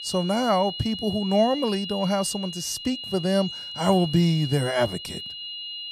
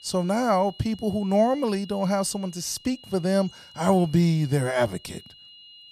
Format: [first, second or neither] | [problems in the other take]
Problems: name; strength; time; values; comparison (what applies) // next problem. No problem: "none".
second | high-pitched whine; loud; throughout; 3 kHz, 9 dB below the speech; faint in the second